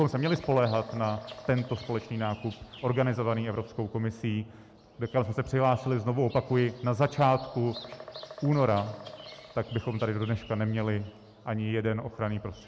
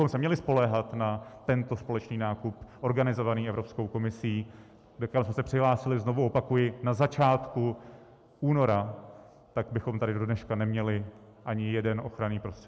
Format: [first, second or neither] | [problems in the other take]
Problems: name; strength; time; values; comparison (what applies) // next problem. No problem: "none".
second | background sound (Bird vocalization, bird call, bird song); 20 dB below the speech